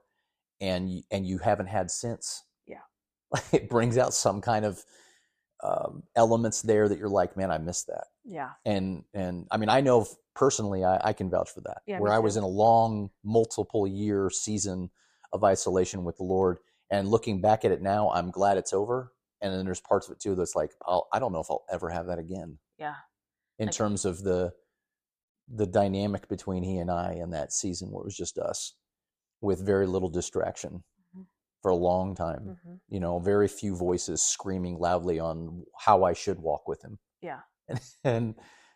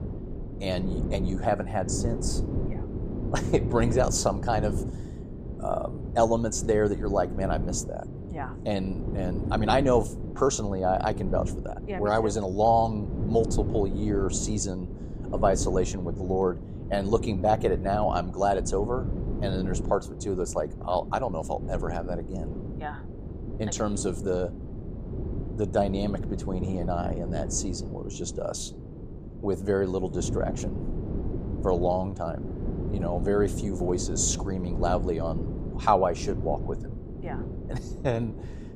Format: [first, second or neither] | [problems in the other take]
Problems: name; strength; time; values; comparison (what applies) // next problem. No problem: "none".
first | wind noise on the microphone; occasional gusts; 15 dB below the speech